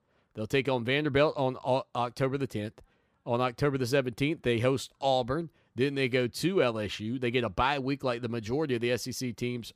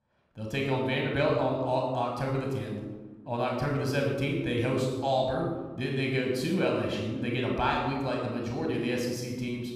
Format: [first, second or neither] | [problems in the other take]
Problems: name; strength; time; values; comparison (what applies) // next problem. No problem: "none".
first | off-mic speech; somewhat distant // room echo; noticeable; dies away in 1.2 s